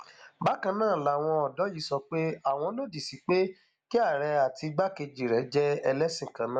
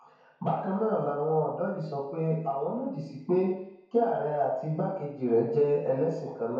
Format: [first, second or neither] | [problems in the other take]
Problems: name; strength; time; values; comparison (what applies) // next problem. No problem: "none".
first | room echo; dies away in 0.9 s